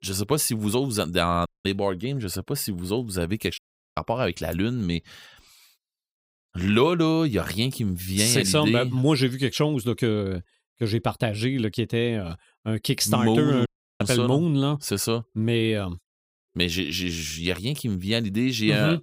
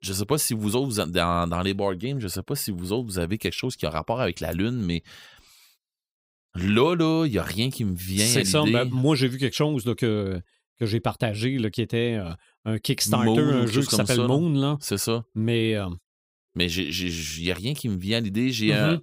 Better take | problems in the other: second | audio cutting out; at 1.5 s, at 3.5 s and at 14 s

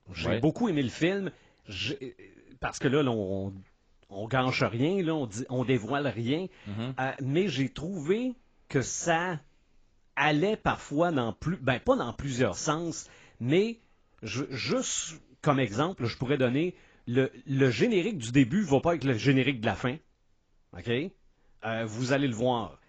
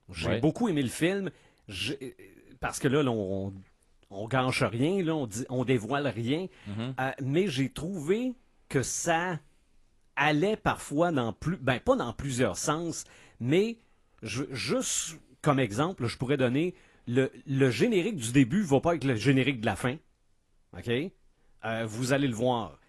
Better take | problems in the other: second | garbled, watery; badly; nothing above 7.5 kHz; slightly in the second

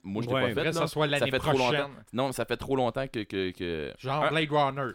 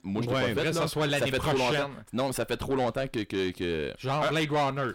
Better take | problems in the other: first | distortion; slight; 10 dB below the speech

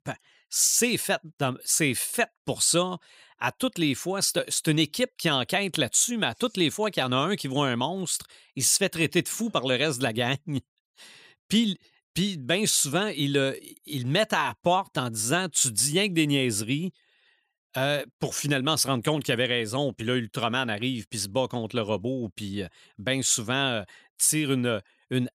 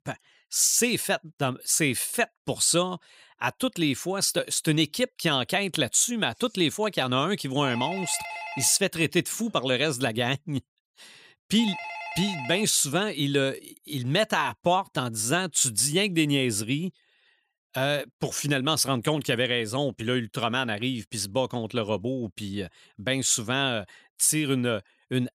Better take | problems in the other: first | phone ringing; noticeable; from 7.5 to 13 s; peak 9 dB below the speech

